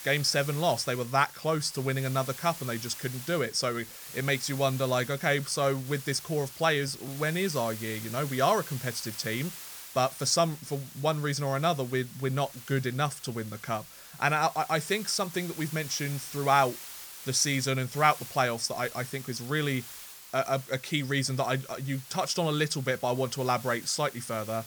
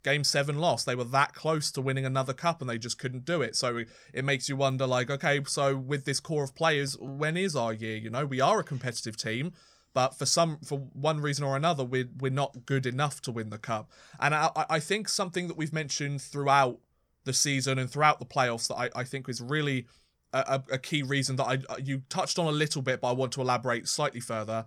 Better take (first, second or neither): second